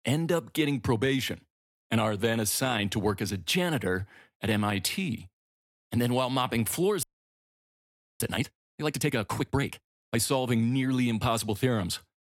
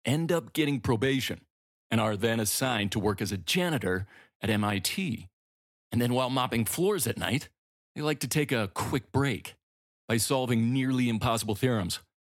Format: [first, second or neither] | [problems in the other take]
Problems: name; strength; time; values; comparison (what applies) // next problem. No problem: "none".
second | audio freezing; at 7 s for 1 s